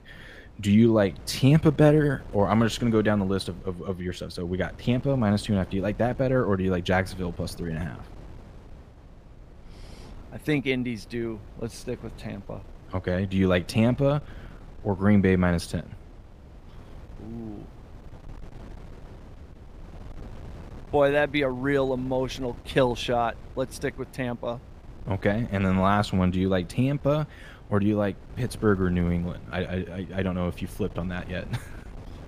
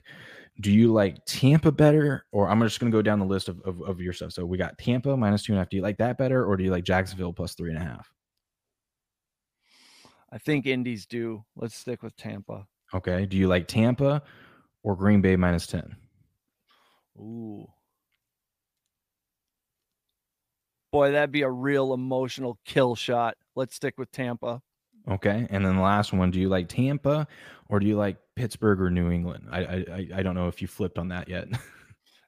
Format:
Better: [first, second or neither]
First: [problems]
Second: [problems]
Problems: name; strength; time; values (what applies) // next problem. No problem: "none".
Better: second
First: wind noise on the microphone; occasional gusts; 25 dB below the speech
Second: none